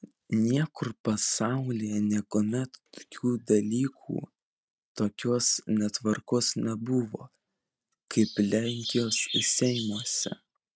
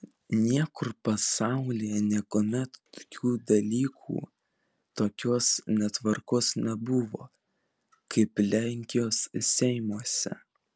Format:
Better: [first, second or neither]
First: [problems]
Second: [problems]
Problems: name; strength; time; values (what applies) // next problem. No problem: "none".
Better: second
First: noise reduction (neural mask model RNNoise)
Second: none